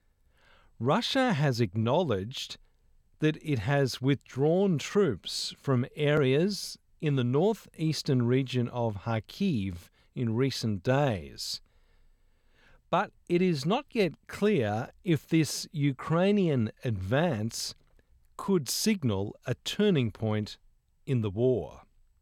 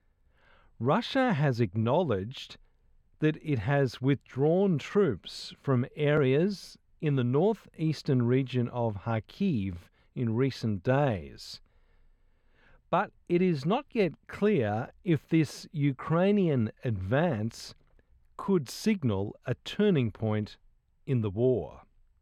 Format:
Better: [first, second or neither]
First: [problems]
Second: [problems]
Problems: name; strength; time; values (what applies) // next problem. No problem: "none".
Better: first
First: none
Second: muffled; slightly; fading above 3.5 kHz